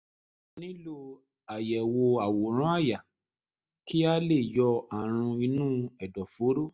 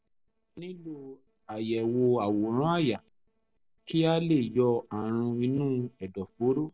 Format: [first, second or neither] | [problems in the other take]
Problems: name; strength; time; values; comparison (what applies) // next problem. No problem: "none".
first | noise reduction (neural separator model SepFormer DNS4)